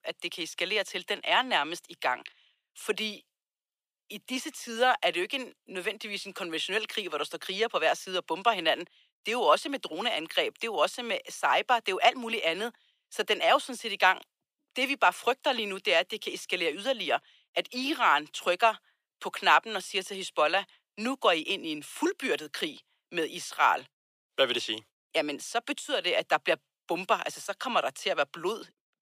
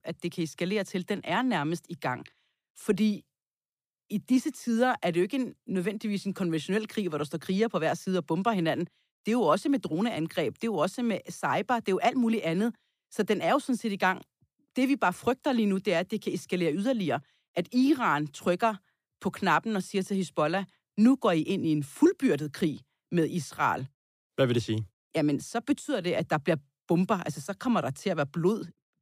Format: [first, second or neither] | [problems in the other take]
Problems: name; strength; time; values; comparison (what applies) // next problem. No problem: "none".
second | thin; very; fading below 650 Hz